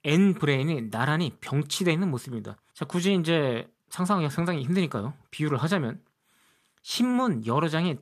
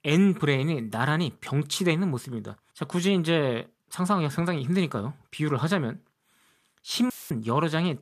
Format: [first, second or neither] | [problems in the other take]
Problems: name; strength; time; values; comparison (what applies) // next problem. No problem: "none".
first | audio cutting out; filled with static; at 7 s